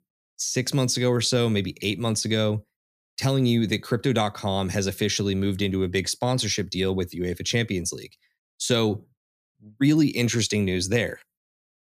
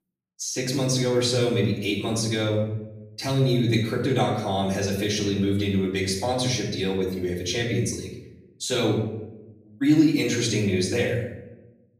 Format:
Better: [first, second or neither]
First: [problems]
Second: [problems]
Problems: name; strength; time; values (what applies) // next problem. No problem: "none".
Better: first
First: none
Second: off-mic speech; far // room echo; noticeable; dies away in 0.7 s